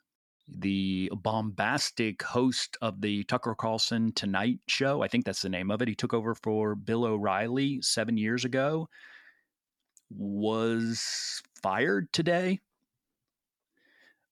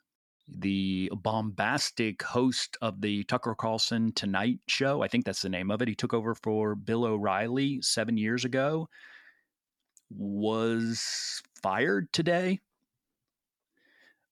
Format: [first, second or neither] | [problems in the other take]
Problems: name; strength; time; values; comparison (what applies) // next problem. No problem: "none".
neither | none